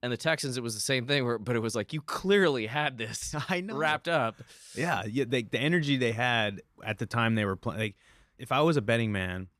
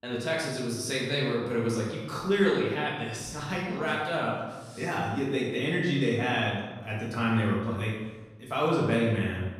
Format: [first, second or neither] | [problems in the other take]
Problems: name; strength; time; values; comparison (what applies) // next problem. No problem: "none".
first | room echo; noticeable; dies away in 1 s // off-mic speech; far